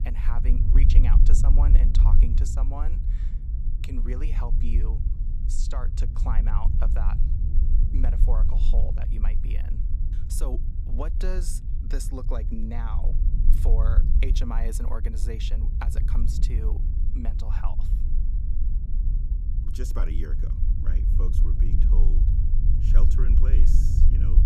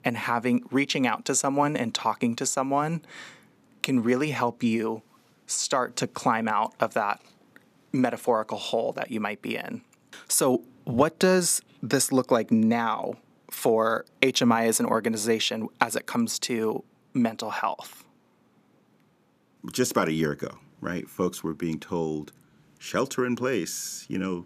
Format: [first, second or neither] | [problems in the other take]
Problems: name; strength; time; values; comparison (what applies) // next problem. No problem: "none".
second | low rumble; loud; throughout; 4 dB below the speech